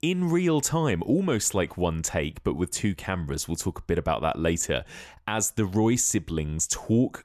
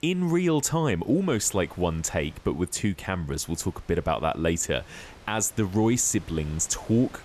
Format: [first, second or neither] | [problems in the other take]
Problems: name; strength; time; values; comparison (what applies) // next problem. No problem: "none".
first | wind noise on the microphone; occasional gusts; 25 dB below the speech